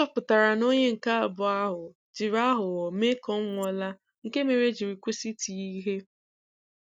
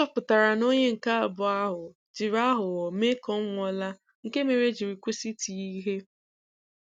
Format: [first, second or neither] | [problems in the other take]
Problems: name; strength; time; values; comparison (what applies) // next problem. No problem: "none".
second | noise reduction (neural mask model DeepFilterNet 3)